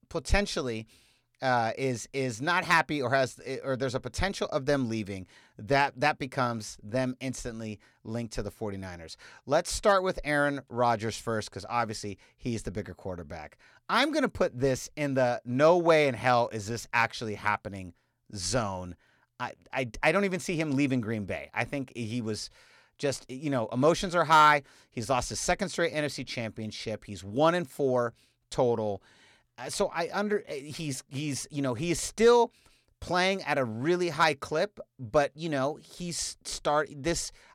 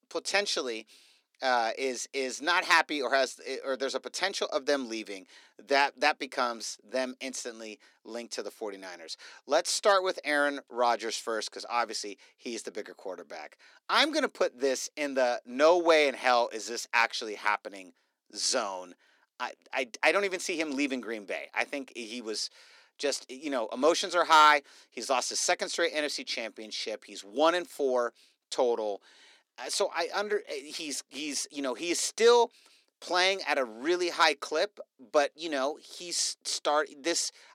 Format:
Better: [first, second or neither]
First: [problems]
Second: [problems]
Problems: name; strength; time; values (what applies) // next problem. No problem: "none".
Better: first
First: none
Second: thin; somewhat; fading below 300 Hz